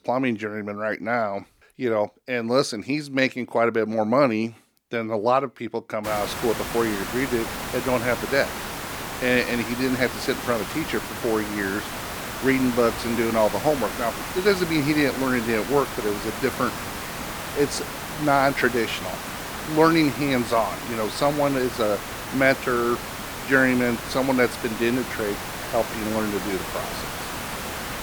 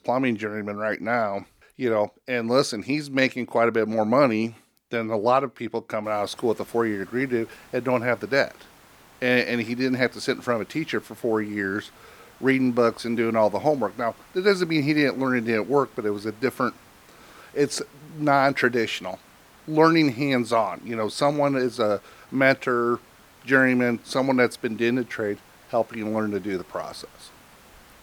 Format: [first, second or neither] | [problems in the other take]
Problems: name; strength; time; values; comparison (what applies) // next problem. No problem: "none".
second | hiss; loud; from 6 s on; 7 dB below the speech; faint in the second